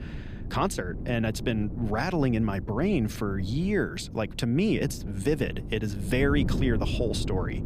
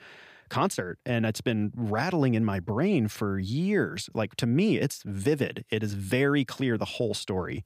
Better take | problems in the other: second | wind noise on the microphone; occasional gusts; 15 dB below the speech

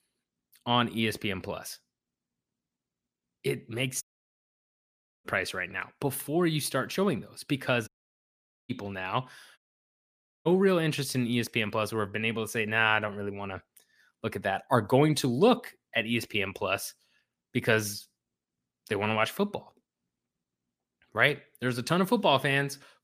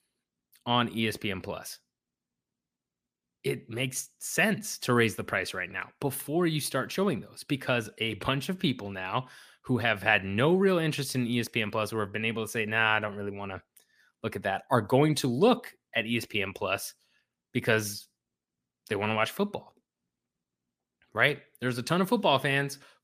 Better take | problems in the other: second | audio cutting out; at 4 s for 1 s, at 8 s for 1 s and at 9.5 s for 1 s

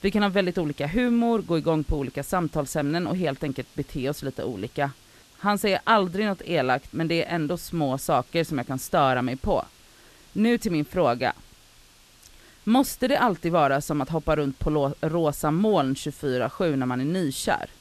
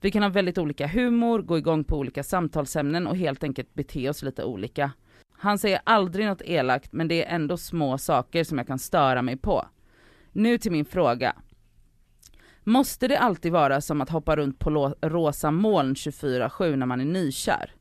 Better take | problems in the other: second | hiss; faint; throughout; 25 dB below the speech

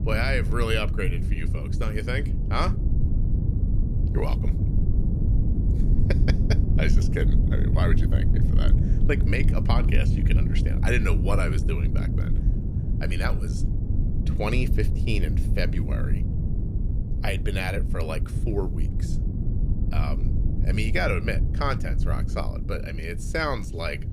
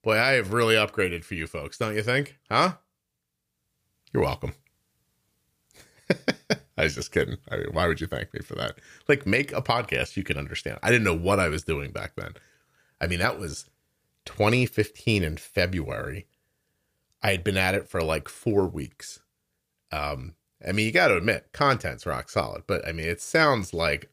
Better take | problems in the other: second | low rumble; loud; throughout; 8 dB below the speech

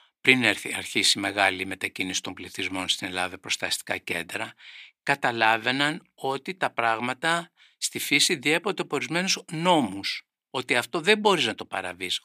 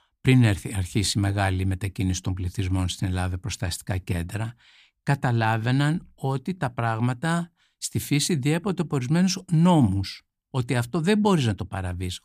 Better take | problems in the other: second | thin; very; fading below 450 Hz

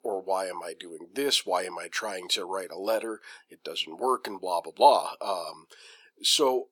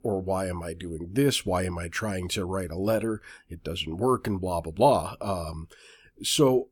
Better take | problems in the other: second | thin; very; fading below 400 Hz

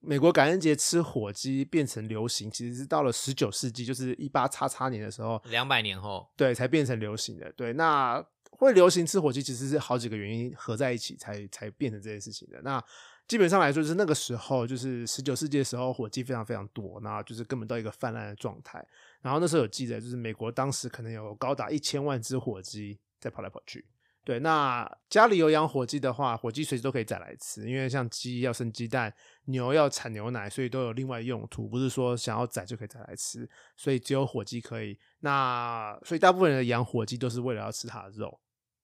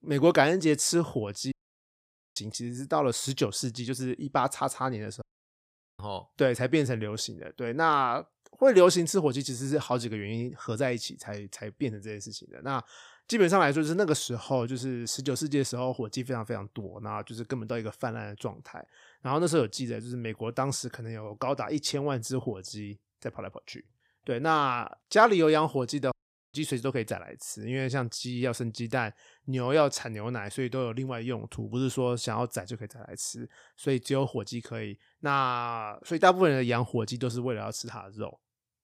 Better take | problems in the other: first | audio cutting out; at 1.5 s for 1 s, at 5 s for 1 s and at 26 s

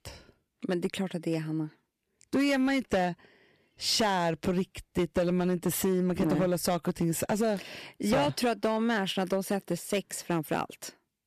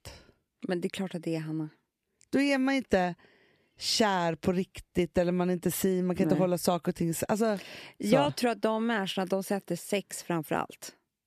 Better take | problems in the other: second | distortion; slight; 6% of the sound clipped

